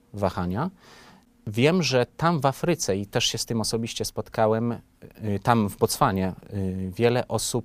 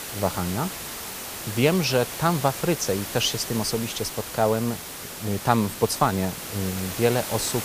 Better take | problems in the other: first | hiss; loud; throughout; 7 dB below the speech

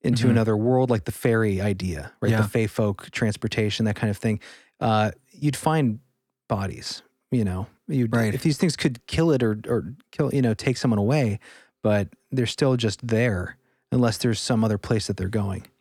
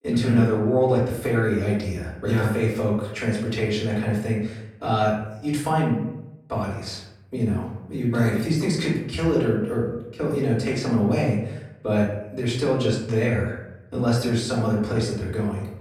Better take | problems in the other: first | off-mic speech; far // room echo; noticeable; dies away in 0.7 s

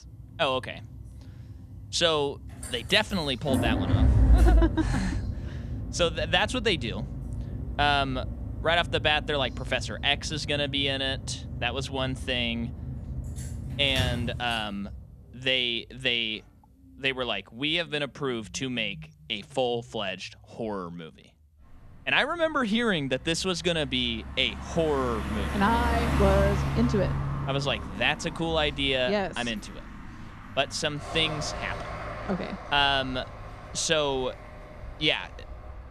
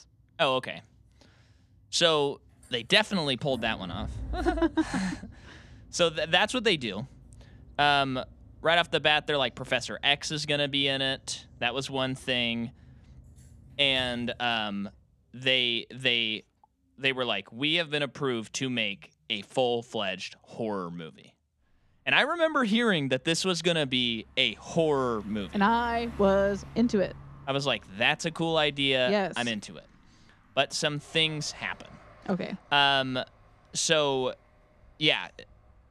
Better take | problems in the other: second | traffic noise; loud; throughout; 5 dB below the speech; faint in the second

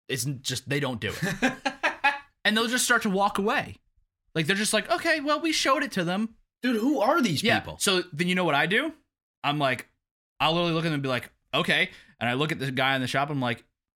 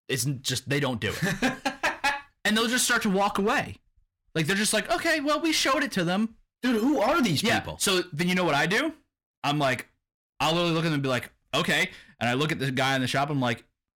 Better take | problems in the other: first | distortion; slight; 9% of the sound clipped

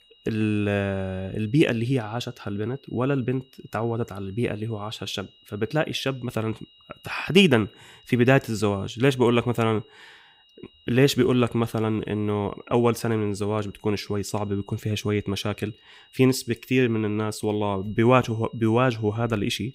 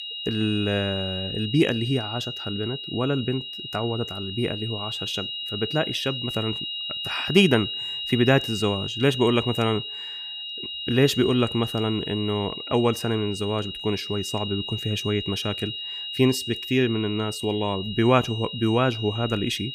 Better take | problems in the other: first | high-pitched whine; loud; throughout; 3 kHz, 6 dB below the speech; faint in the first

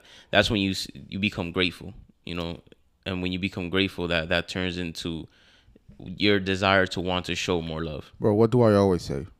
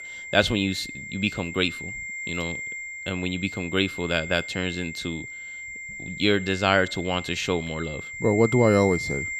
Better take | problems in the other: first | high-pitched whine; loud; throughout; 2 kHz, 8 dB below the speech

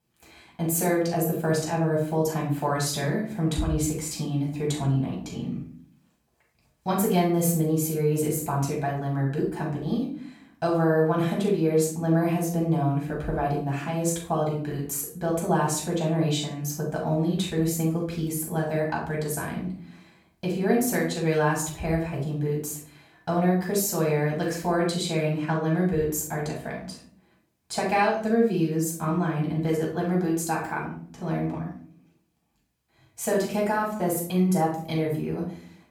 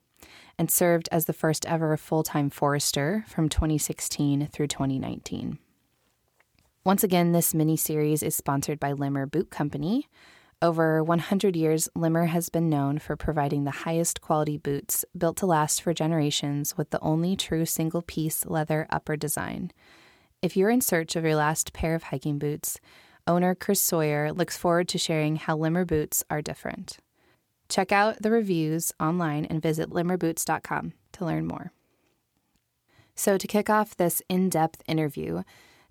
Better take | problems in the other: second | room echo; noticeable; dies away in 0.5 s // off-mic speech; far

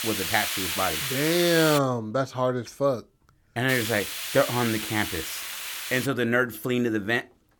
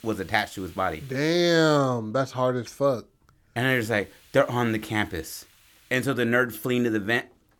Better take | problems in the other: second | hiss; loud; until 2 s and from 3.5 to 6 s; 4 dB below the speech; faint in the second

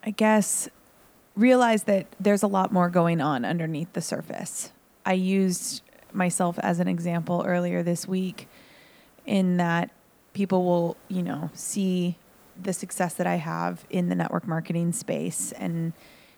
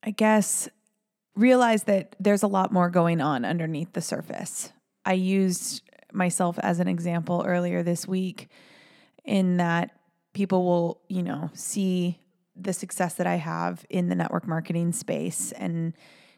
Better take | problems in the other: second | hiss; faint; throughout; 30 dB below the speech

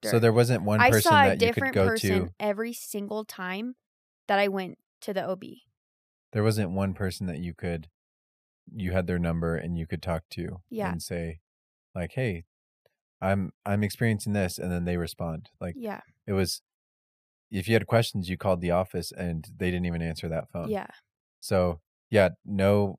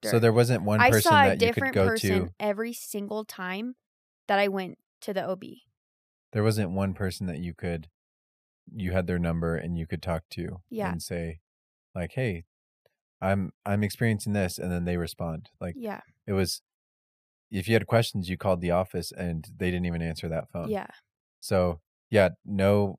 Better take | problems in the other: neither | none

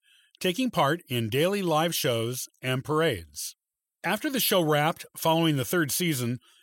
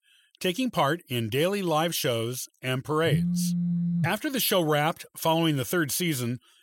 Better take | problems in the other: first | phone ringing; loud; from 3 to 4 s; peak 1 dB above the speech

